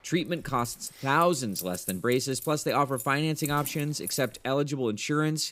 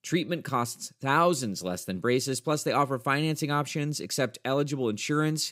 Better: second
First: jangling keys; noticeable; until 4.5 s; peak 7 dB below the speech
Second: none

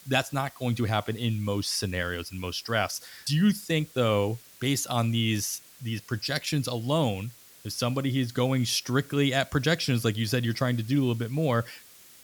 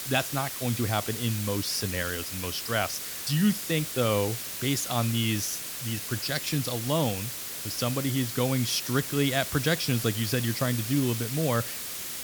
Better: first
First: hiss; faint; throughout; 20 dB below the speech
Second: hiss; loud; throughout; 4 dB below the speech

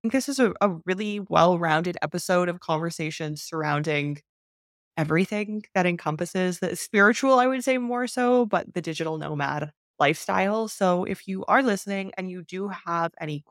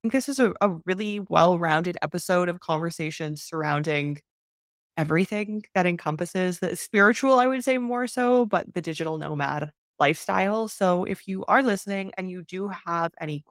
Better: first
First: none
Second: garbled, watery; slightly; nothing above 16 kHz

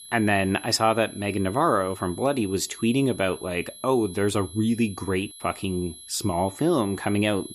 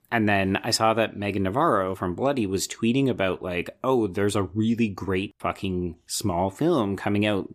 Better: second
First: high-pitched whine; noticeable; throughout; 11 kHz, 15 dB below the speech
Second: none

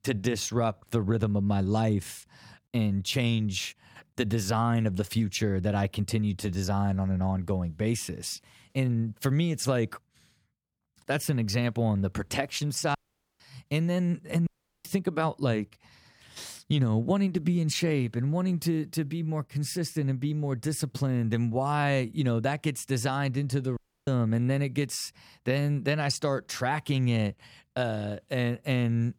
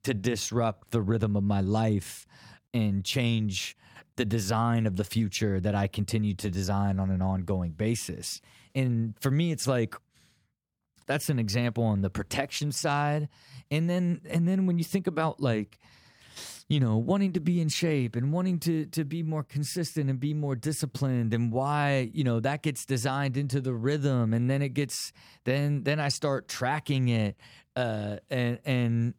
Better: second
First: audio cutting out; at 13 s, at 14 s and at 24 s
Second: none

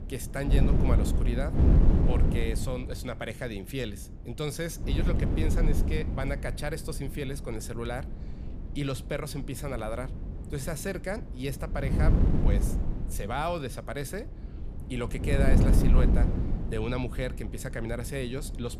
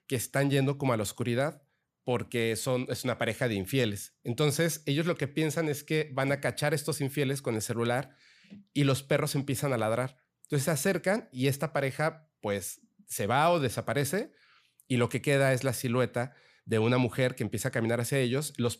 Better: second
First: wind noise on the microphone; heavy; 3 dB below the speech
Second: none

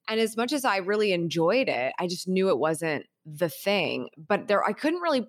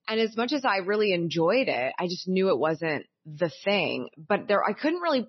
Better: first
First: none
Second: garbled, watery; slightly; nothing above 6 kHz

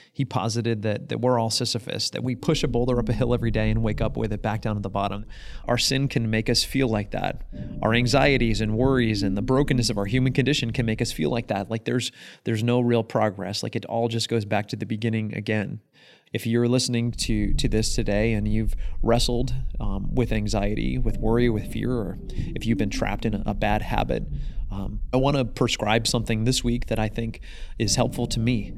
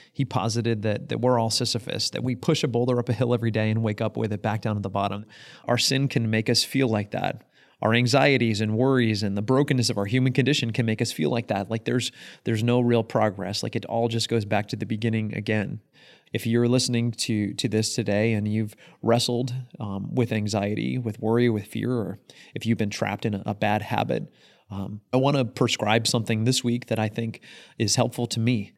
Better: second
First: low rumble; noticeable; from 2.5 to 12 s and from 17 s on; 15 dB below the speech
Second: none

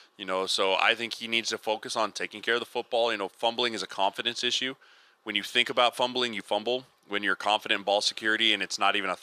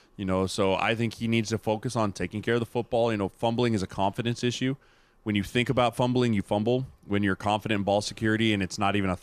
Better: second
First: thin; somewhat; fading below 500 Hz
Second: none

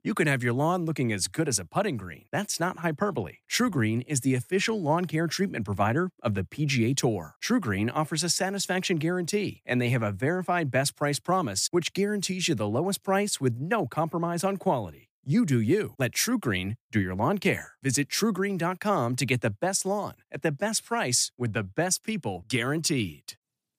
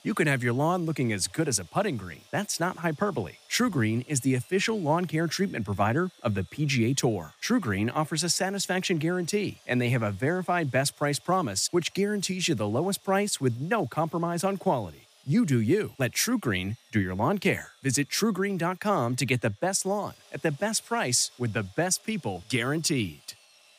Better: first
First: none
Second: machinery noise; faint; throughout; 30 dB below the speech

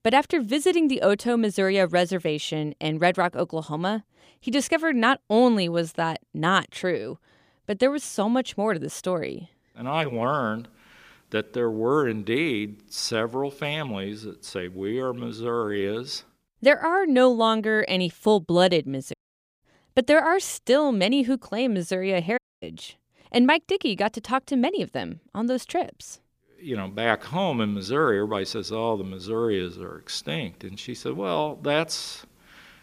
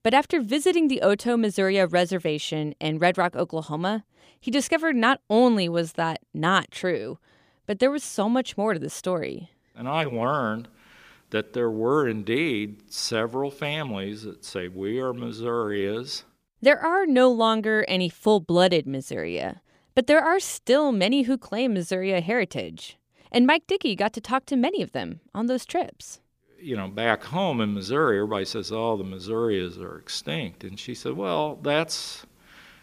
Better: second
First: audio cutting out; at 19 s and at 22 s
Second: none

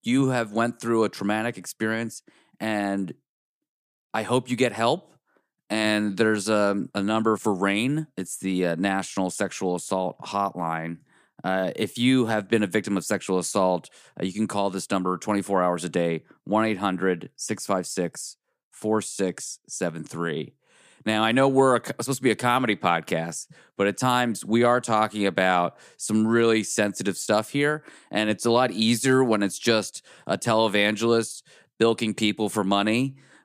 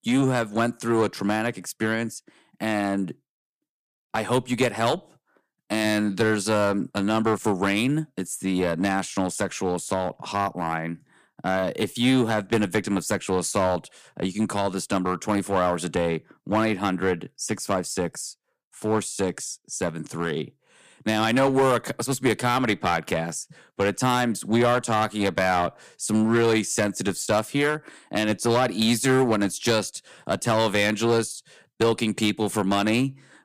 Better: first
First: none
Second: distortion; slight; 6% of the sound clipped

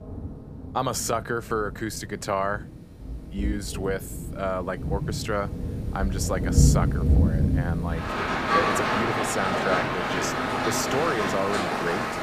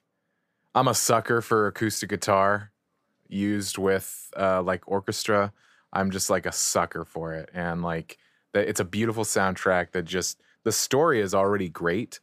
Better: second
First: rain or running water; very loud; throughout; 4 dB above the speech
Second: none

